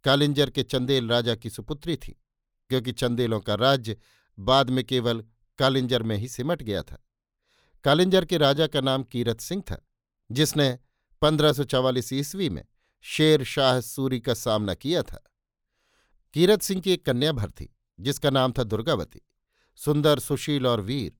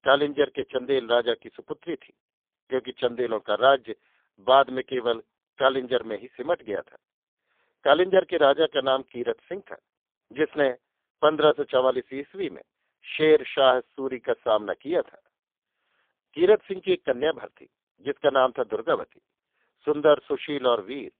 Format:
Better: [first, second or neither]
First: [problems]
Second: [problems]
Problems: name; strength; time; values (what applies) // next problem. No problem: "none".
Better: first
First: none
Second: phone-call audio; poor line; nothing above 3.5 kHz